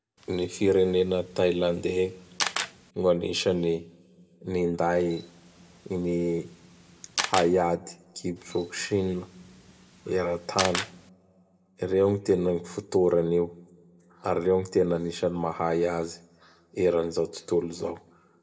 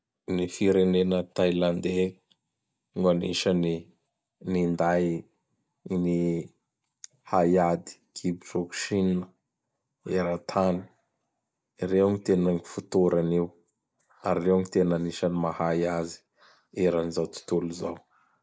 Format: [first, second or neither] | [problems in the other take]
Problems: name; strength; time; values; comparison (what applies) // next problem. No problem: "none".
second | background sound (Camera); 10 dB below the speech // room echo; dies away in 0.7 s